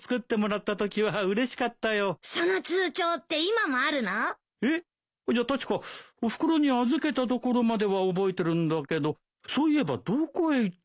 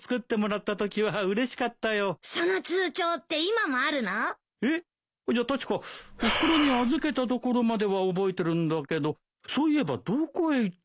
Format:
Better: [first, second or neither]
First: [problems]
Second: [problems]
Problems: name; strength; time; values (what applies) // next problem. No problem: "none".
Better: first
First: none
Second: background sound (Breathing); 4 dB below the speech